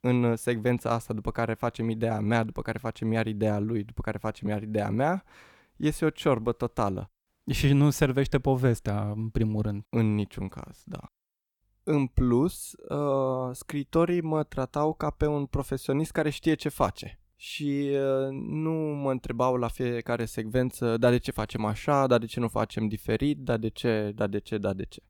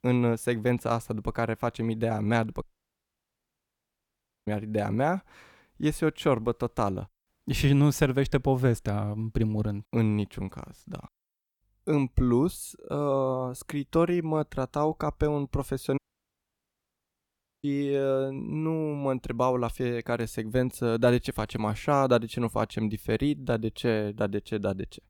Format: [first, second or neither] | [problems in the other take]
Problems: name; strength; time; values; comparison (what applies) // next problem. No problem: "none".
first | audio cutting out; at 2.5 s for 2 s and at 16 s for 1.5 s